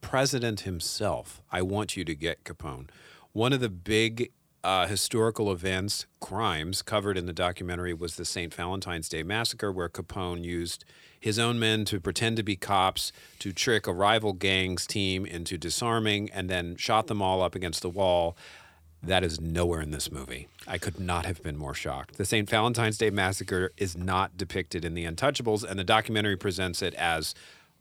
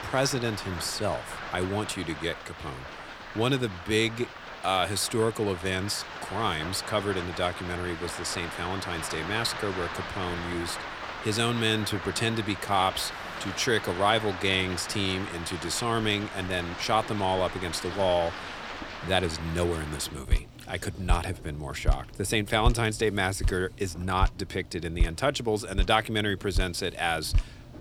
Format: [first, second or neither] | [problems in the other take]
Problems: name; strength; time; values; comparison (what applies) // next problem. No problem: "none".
first | rain or running water; loud; throughout; 7 dB below the speech